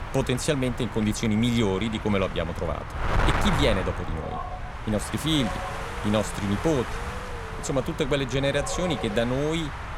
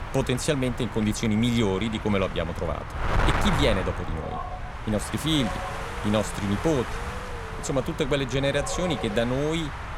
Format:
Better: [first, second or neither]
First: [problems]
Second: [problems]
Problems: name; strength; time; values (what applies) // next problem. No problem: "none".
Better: neither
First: wind noise on the microphone; heavy; 4 dB below the speech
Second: wind noise on the microphone; heavy; 4 dB below the speech